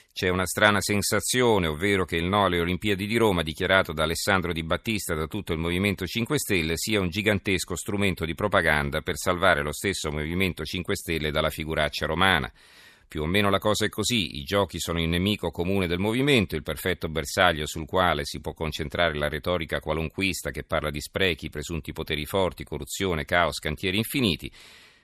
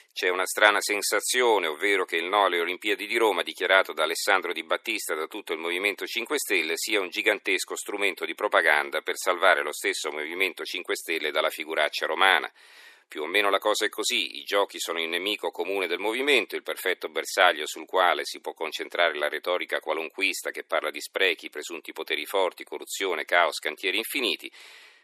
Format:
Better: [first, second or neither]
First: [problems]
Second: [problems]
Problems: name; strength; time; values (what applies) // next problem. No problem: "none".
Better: first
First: none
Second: thin; very; fading below 300 Hz